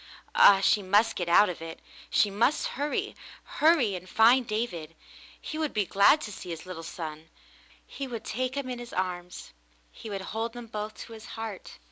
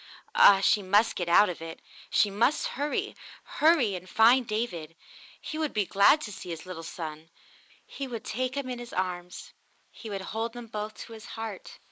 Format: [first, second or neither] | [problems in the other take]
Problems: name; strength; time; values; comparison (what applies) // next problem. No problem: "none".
first | noise reduction (neural mask model Resemble Enhance denoiser)